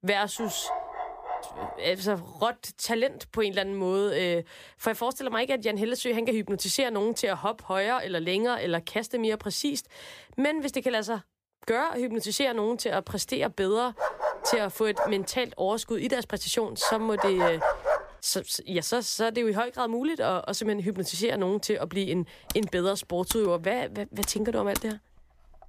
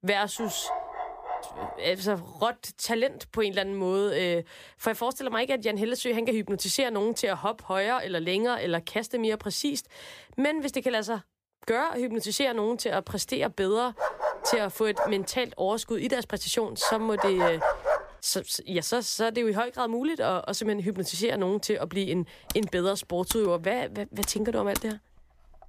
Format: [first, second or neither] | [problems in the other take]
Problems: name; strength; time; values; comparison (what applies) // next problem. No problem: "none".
neither | dog barking; noticeable; until 2 s; peak 5 dB below the speech; the same in both // dog barking; loud; from 14 to 18 s; peak 2 dB above the speech; the same in both // keyboard typing; noticeable; from 23 to 25 s; peak 7 dB below the speech; the same in both